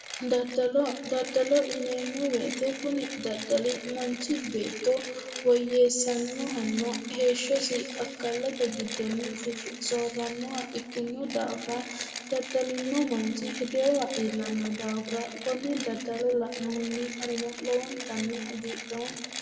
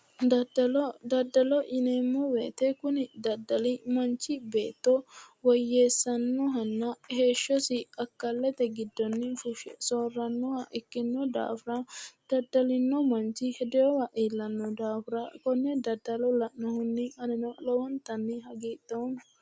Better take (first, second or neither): second